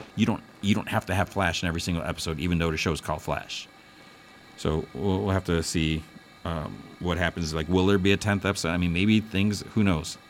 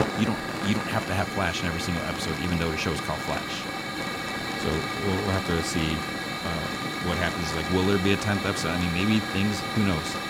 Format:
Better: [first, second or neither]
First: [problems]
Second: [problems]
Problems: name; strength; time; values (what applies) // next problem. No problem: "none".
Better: first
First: hiss; faint; throughout; 25 dB below the speech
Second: hiss; loud; throughout; 2 dB below the speech